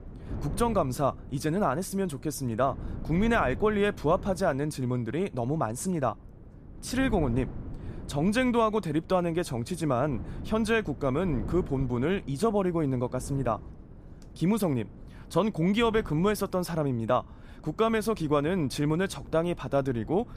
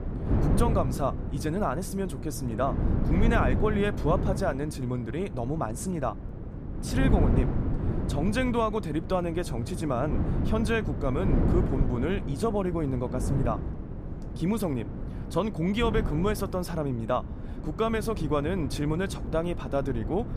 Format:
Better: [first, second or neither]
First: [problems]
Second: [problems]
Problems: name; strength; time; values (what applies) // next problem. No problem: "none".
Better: first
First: wind noise on the microphone; occasional gusts; 20 dB below the speech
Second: wind noise on the microphone; heavy; 8 dB below the speech